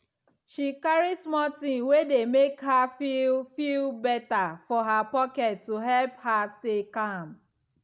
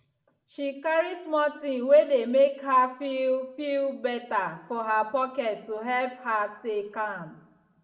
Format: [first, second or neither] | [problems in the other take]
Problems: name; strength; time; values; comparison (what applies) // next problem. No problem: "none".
first | room echo; dies away in 0.6 s